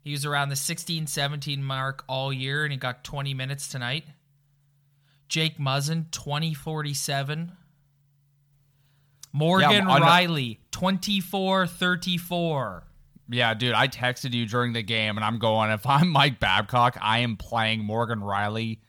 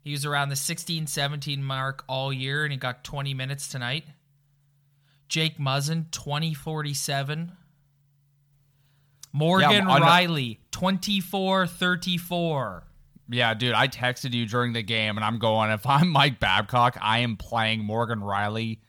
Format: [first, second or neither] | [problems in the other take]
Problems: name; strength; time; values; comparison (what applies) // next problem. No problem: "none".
neither | none